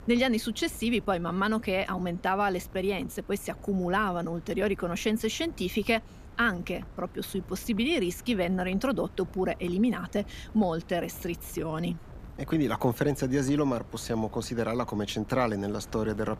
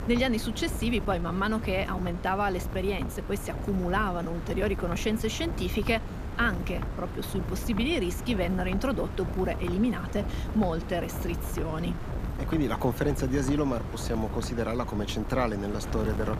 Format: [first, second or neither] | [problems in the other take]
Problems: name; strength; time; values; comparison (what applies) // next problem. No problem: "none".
first | wind noise on the microphone; heavy; 10 dB below the speech; occasional gusts in the first